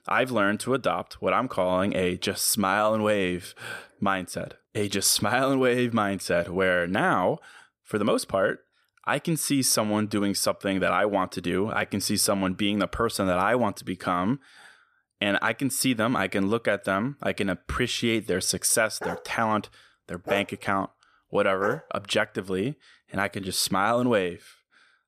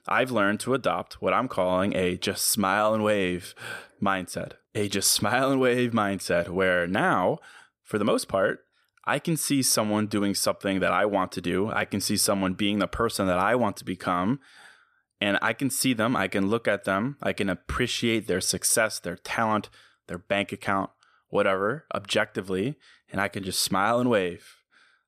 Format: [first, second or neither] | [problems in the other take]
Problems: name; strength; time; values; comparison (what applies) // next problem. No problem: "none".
second | dog barking; noticeable; from 19 to 22 s; peak 10 dB below the speech